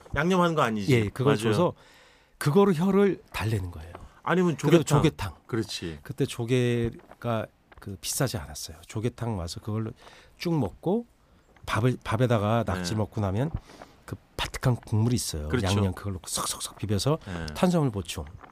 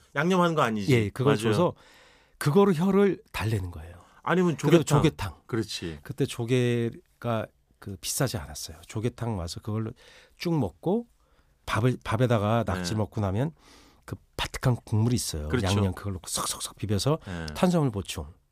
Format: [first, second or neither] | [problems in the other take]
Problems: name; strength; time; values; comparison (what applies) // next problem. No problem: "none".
second | wind noise on the microphone; occasional gusts; 25 dB below the speech